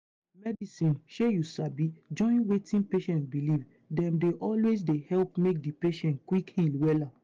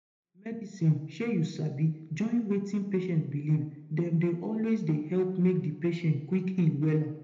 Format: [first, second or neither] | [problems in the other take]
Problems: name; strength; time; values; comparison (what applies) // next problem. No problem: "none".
first | room echo; dies away in 0.8 s